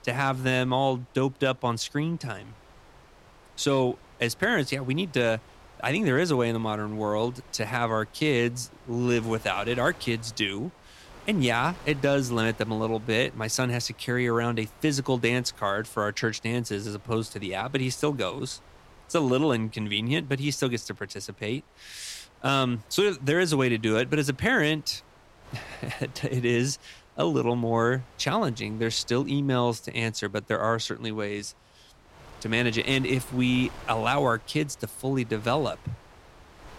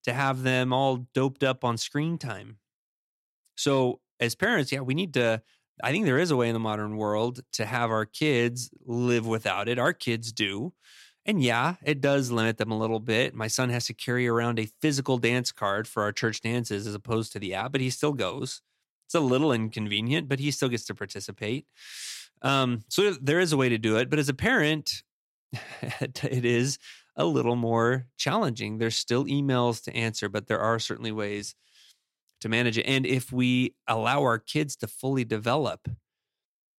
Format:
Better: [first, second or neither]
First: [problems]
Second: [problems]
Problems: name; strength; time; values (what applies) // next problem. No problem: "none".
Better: second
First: wind noise on the microphone; occasional gusts; 25 dB below the speech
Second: none